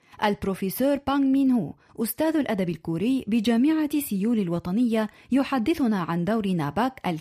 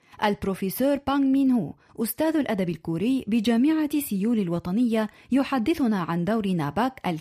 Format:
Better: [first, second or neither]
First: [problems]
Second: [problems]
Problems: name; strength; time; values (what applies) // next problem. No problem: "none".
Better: neither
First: none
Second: none